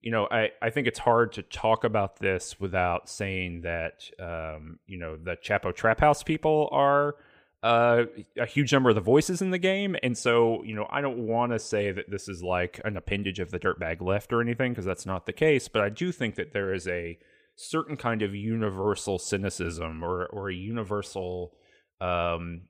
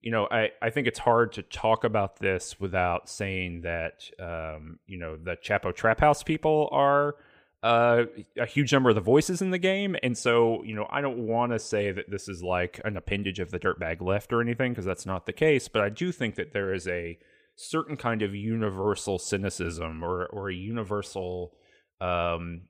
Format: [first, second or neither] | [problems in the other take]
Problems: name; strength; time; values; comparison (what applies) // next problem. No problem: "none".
neither | none